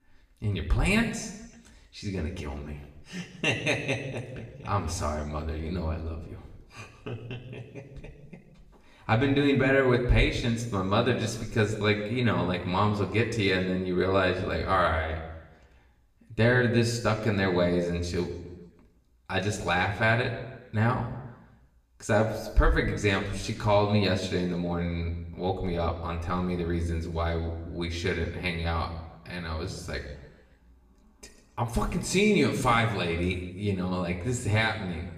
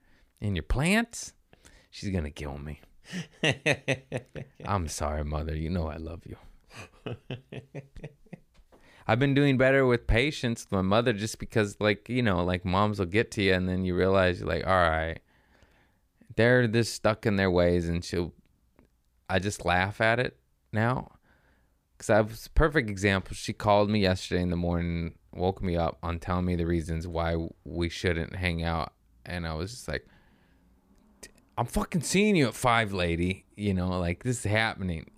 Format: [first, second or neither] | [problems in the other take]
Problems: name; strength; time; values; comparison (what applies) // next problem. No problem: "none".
second | room echo; slight; dies away in 0.9 s // off-mic speech; somewhat distant